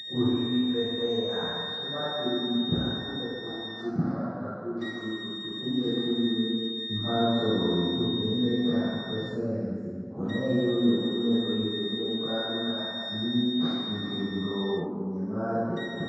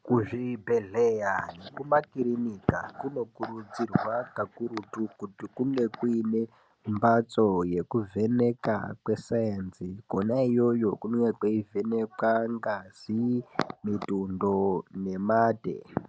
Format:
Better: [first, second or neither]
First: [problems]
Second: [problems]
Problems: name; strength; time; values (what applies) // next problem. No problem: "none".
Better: second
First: background sound (Wind instrument, woodwind instrument); 9 dB below the speech // room echo; dies away in 2 s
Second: none